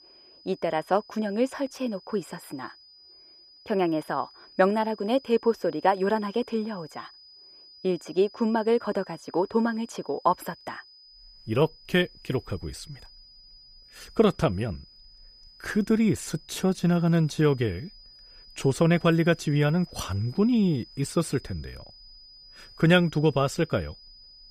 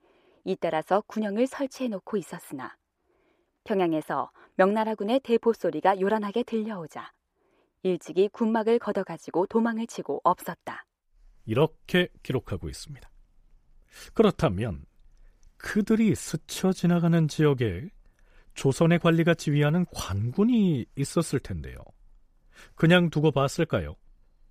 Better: second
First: high-pitched whine; faint; throughout; 5 kHz, 25 dB below the speech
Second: none

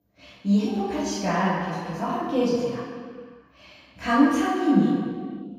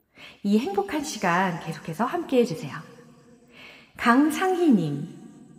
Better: second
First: room echo; strong; dies away in 2 s // off-mic speech; far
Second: room echo; slight; dies away in 2.8 s

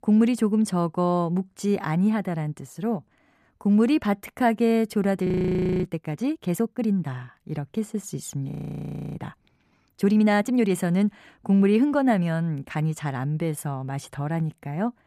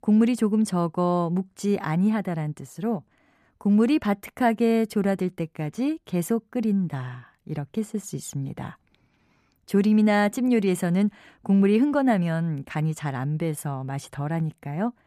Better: second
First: audio freezing; at 5.5 s for 0.5 s and at 8.5 s for 0.5 s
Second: none

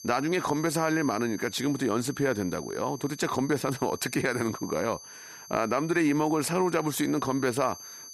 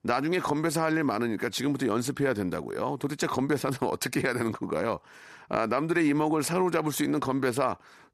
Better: second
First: high-pitched whine; noticeable; throughout; 6 kHz, 15 dB below the speech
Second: none

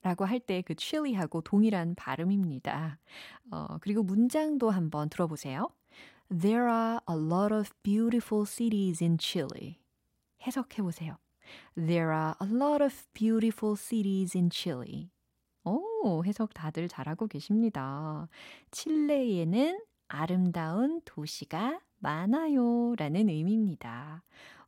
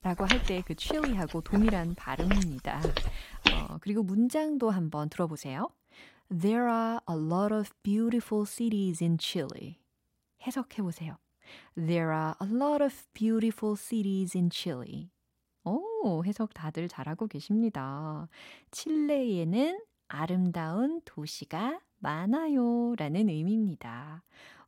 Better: first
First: none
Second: footsteps; loud; until 3.5 s; peak 5 dB above the speech

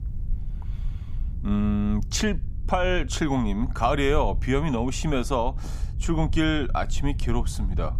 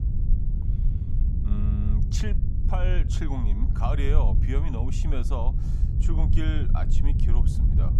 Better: first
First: low rumble; faint; throughout; 20 dB below the speech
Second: low rumble; loud; throughout; 5 dB below the speech

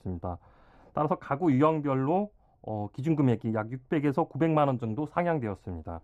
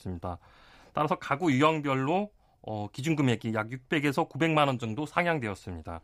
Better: second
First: muffled; very; fading above 1.5 kHz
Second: none

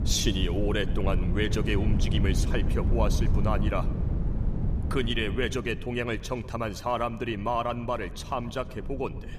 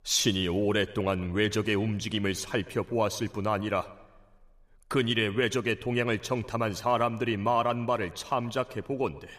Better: second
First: wind noise on the microphone; occasional gusts; 10 dB below the speech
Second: none

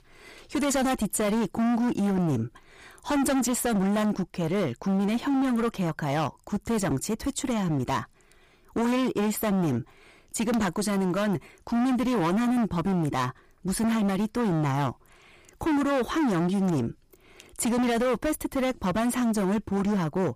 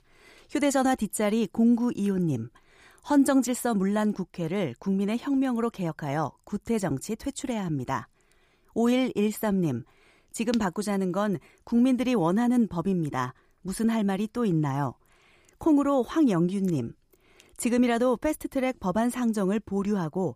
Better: second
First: distortion; heavy; 26% of the sound clipped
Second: none

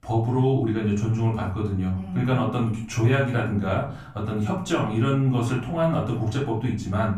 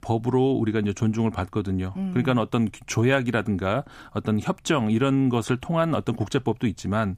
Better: second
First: off-mic speech; far // room echo; slight; dies away in 0.5 s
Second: none

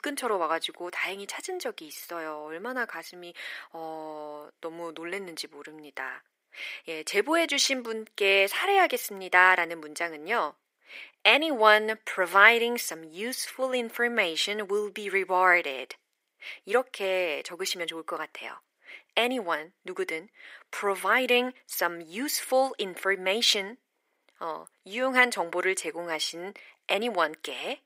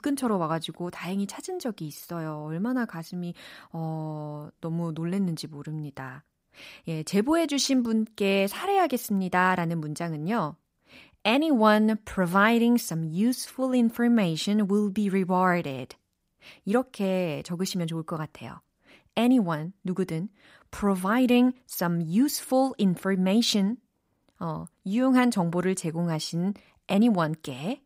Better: second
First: thin; very; fading below 400 Hz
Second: none

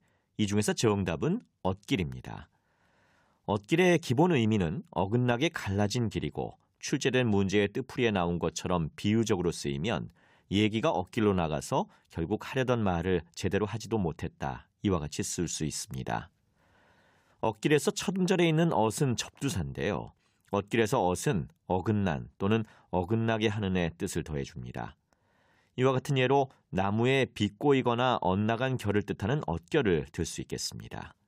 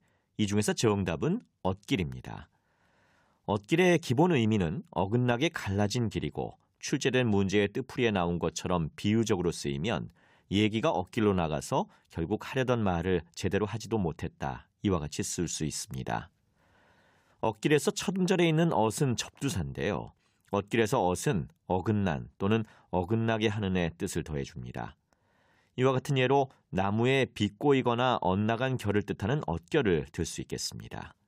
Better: neither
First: none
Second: none

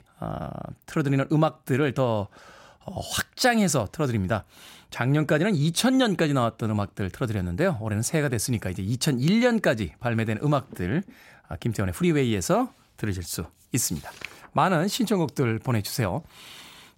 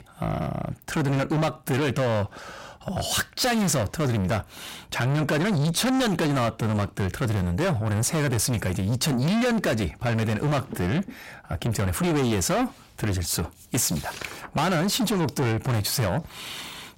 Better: first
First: none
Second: distortion; heavy; 6 dB below the speech

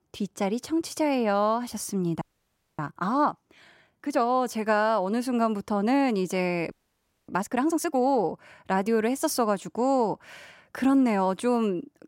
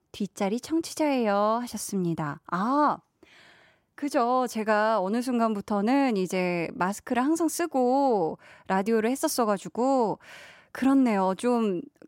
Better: second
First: audio freezing; at 2 s for 0.5 s and at 6.5 s for 0.5 s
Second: none

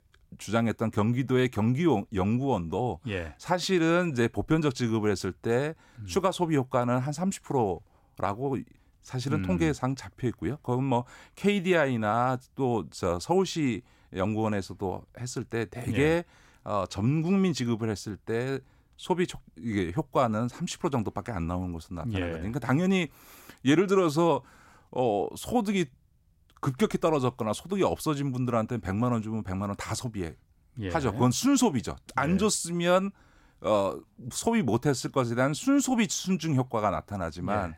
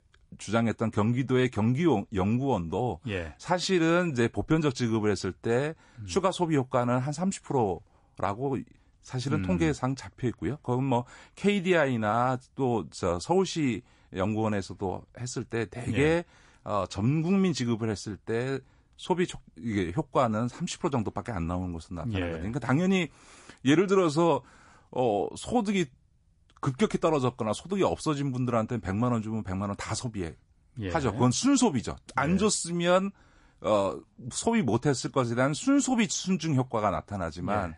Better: first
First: none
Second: garbled, watery; slightly; nothing above 10.5 kHz

